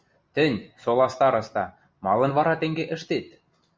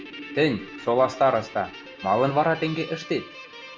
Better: first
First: none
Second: background sound (Guitar); 15 dB below the speech

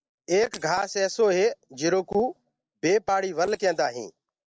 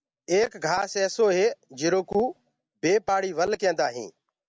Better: second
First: noise reduction (neural separator model SepFormer DNS4)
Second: none

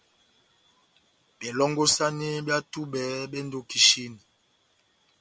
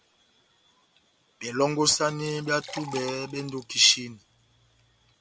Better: first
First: none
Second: background sound (Liquid); 16 dB below the speech

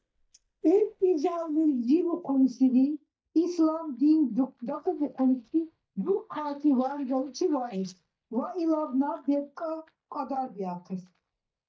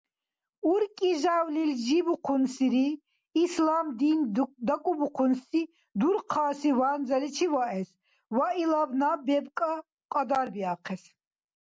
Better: second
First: noise reduction (neural mask model DeepFilterNet 3)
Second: none

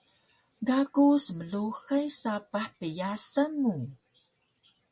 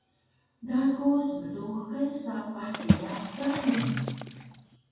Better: first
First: none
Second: background sound (Water / Splash, splatter); 1 dB below the speech // room echo; dies away in 1.3 s

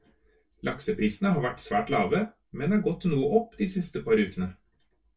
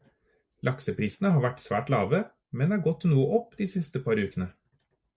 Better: second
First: room echo; dies away in 0.1 s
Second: none

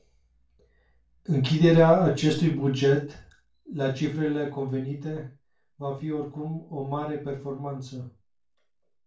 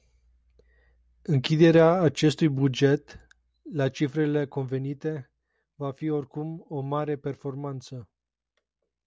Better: second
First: room echo; dies away in 0.3 s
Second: none

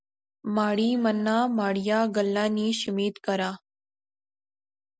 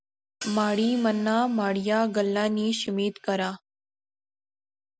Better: first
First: none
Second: background sound (Hi-hat); 19 dB below the speech

